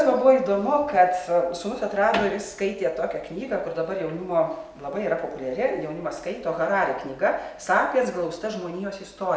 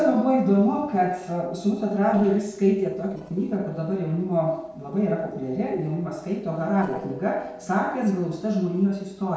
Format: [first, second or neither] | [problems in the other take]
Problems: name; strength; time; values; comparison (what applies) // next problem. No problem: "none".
first | noise reduction (neural separator model SepFormer DNS4)